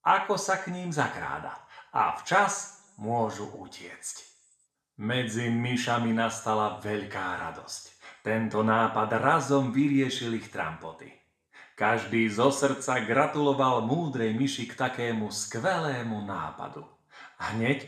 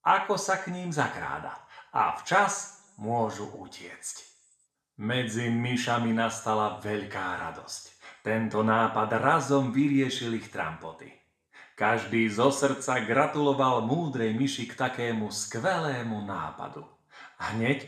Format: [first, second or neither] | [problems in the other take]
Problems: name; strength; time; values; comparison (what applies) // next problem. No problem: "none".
neither | room echo; slight; dies away in 0.5 s; the same in both // off-mic speech; somewhat distant; the same in both